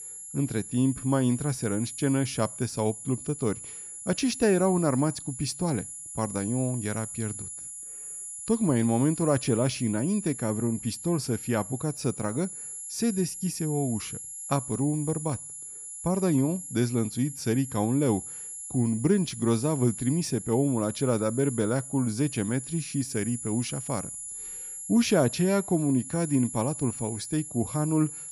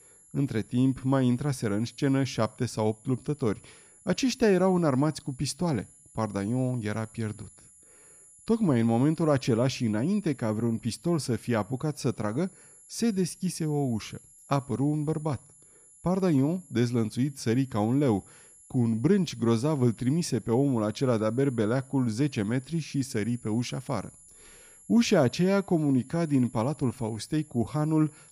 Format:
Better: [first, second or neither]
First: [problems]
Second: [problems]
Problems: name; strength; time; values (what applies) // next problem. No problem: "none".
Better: second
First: high-pitched whine; loud; throughout; 11 kHz, 9 dB below the speech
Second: high-pitched whine; faint; throughout; 11 kHz, 25 dB below the speech